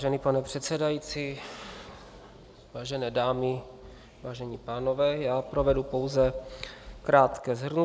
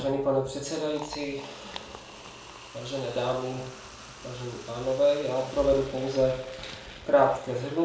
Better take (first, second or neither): first